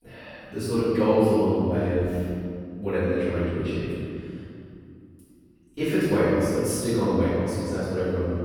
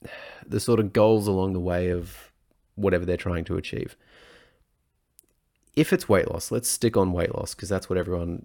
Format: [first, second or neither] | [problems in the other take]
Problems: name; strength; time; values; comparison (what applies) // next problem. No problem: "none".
second | off-mic speech; far // room echo; strong; dies away in 2.4 s